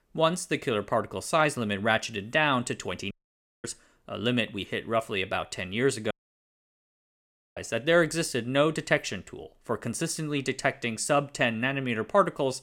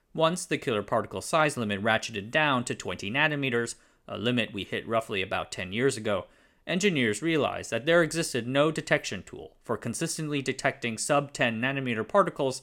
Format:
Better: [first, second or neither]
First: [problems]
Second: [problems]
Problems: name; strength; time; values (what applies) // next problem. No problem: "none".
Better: second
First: audio cutting out; at 3 s for 0.5 s and at 6 s for 1.5 s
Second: none